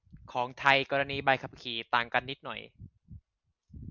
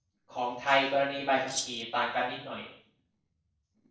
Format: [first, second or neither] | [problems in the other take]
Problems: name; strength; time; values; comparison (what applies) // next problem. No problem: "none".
first | noise reduction (neural separator model SepFormer DNS4)